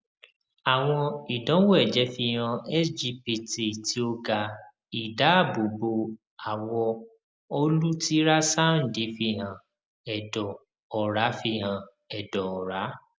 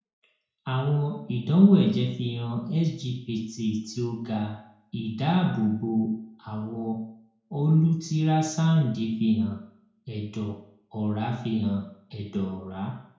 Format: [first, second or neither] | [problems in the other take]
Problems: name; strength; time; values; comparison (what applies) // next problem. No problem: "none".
first | room echo; dies away in 0.6 s